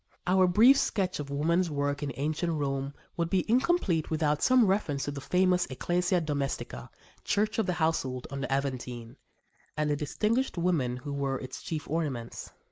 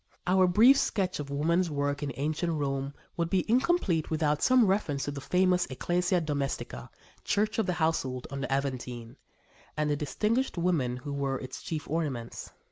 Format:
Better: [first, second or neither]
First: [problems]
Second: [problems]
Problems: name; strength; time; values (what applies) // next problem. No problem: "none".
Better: second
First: noise reduction (neural mask model Resemble Enhance denoiser)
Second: none